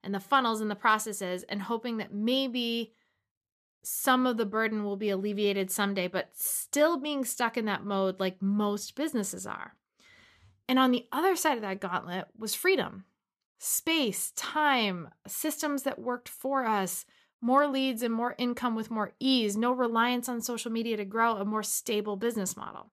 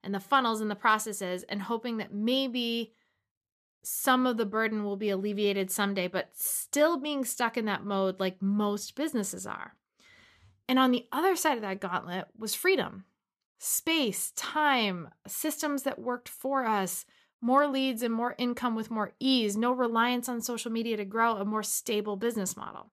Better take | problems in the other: neither | none

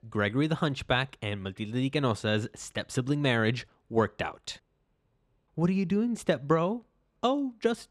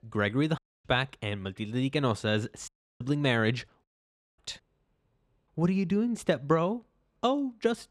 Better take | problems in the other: first | audio cutting out; at 0.5 s, at 2.5 s and at 4 s for 0.5 s

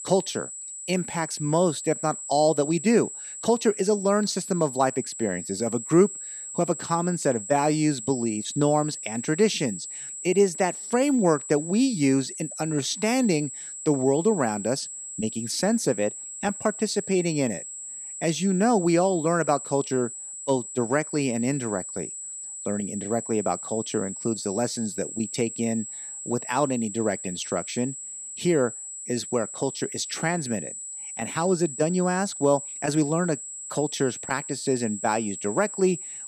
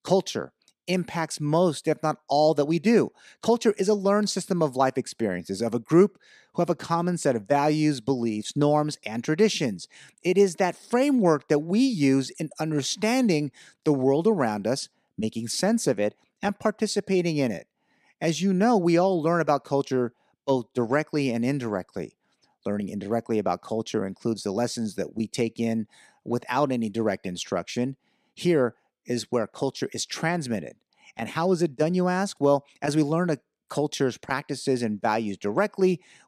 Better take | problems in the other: second | high-pitched whine; loud; throughout; 7.5 kHz, 8 dB below the speech

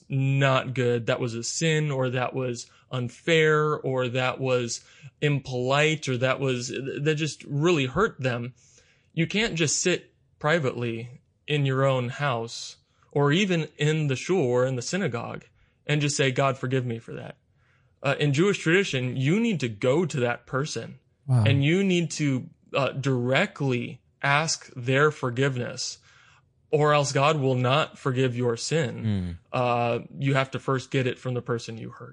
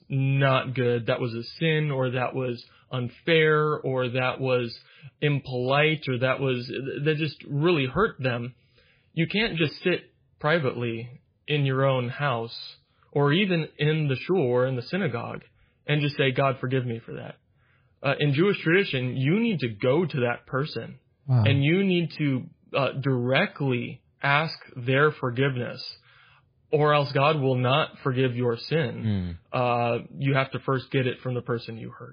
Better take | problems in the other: first | garbled, watery; badly; slightly in the first

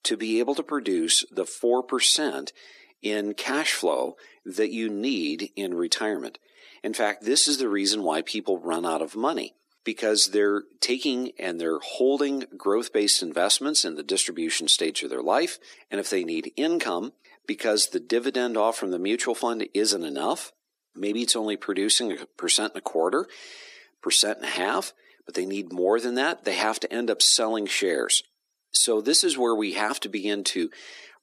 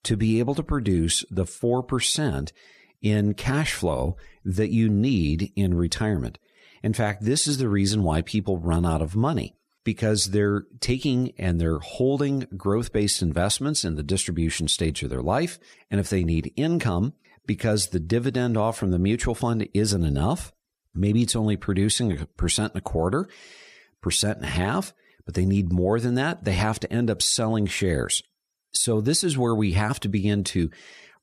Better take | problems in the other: second | thin; somewhat; fading below 300 Hz

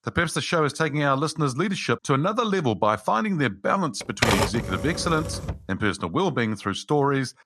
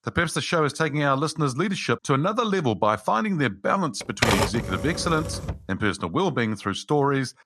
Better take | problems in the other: neither | keyboard typing; loud; from 4 to 5.5 s; peak 3 dB above the speech; the same in both

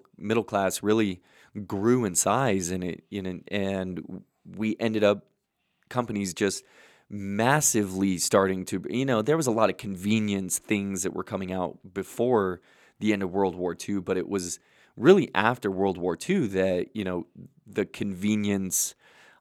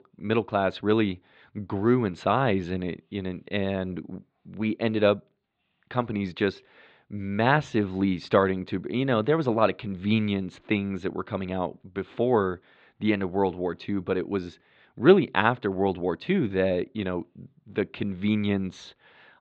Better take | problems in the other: first | muffled; very; fading above 4 kHz

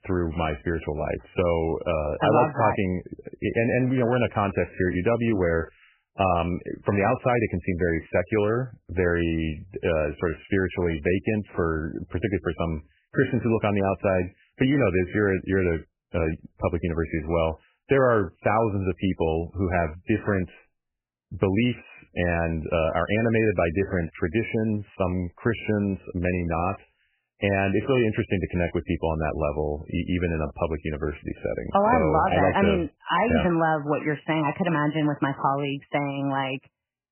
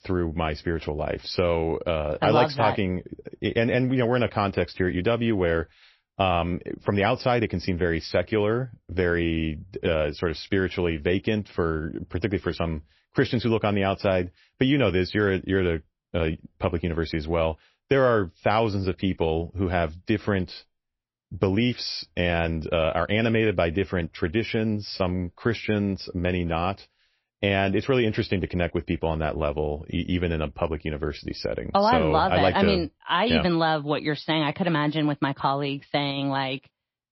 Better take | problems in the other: second | garbled, watery; badly; nothing above 3 kHz; slightly in the second

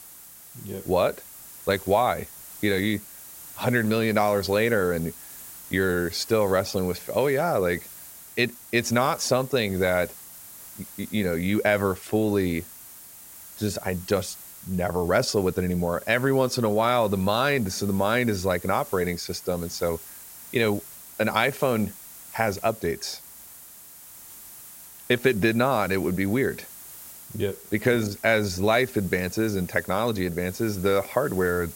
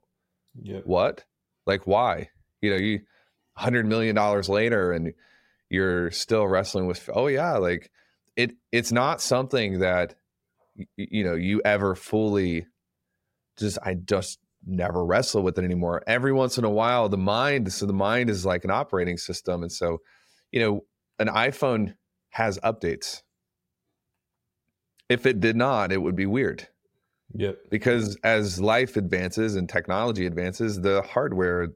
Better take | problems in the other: second | hiss; noticeable; throughout; 15 dB below the speech

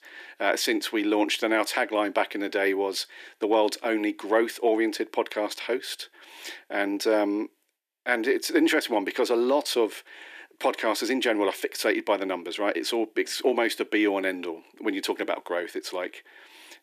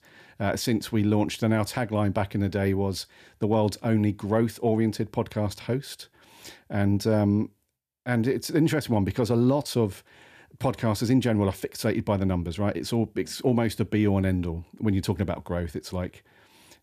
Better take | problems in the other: second | thin; somewhat; fading below 300 Hz

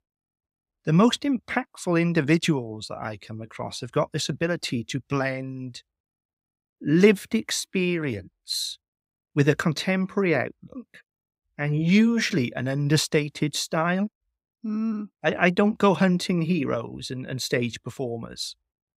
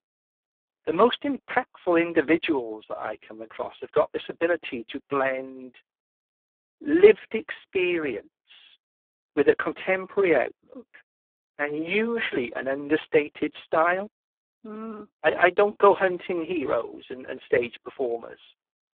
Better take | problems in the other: first | phone-call audio; poor line

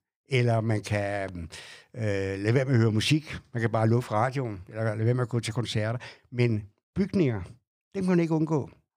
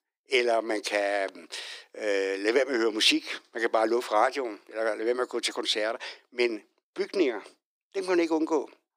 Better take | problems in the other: first | thin; very; fading below 300 Hz

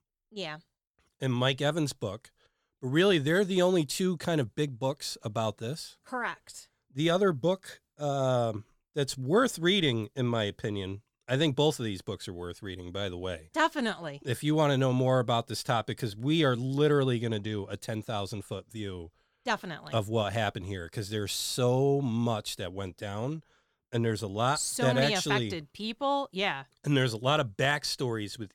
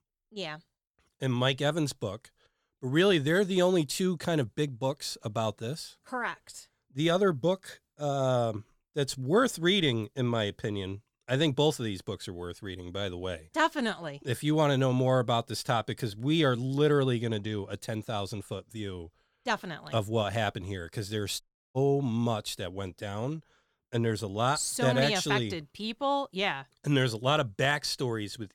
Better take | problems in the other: first | audio cutting out; at 21 s

